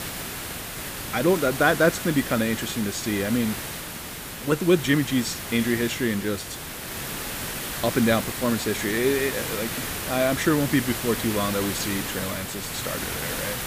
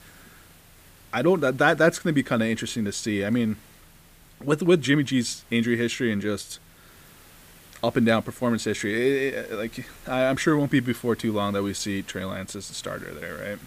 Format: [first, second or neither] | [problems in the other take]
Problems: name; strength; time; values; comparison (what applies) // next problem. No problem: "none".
second | hiss; loud; throughout; 6 dB below the speech; faint in the second